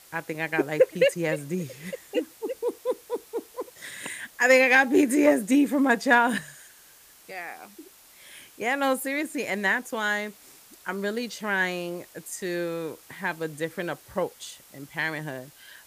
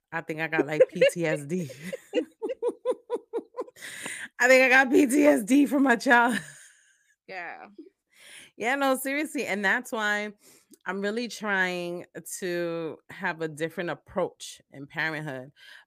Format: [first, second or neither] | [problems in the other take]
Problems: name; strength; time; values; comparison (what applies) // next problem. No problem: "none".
second | hiss; faint; throughout; 25 dB below the speech